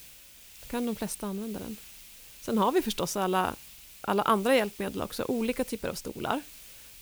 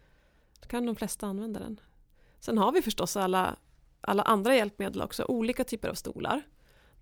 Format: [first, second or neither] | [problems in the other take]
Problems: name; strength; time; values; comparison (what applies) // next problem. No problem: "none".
second | hiss; noticeable; throughout; 15 dB below the speech